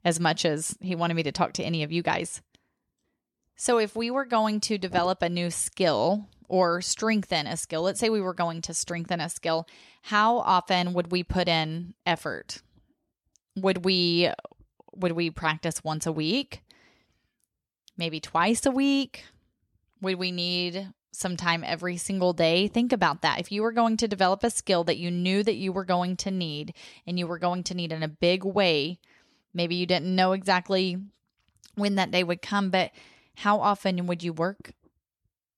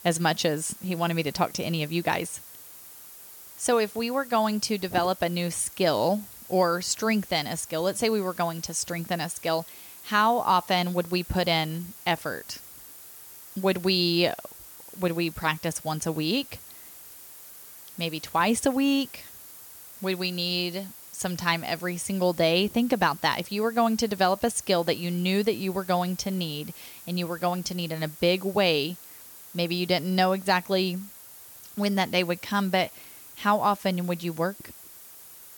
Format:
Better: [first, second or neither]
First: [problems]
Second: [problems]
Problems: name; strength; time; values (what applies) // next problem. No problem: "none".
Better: first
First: none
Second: hiss; noticeable; throughout; 15 dB below the speech